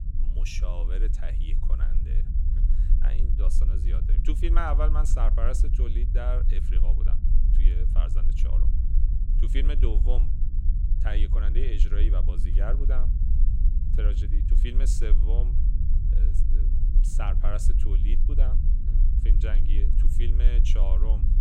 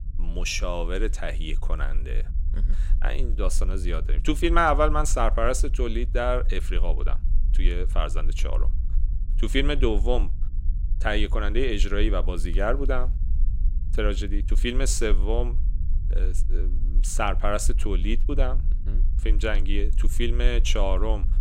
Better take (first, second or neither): second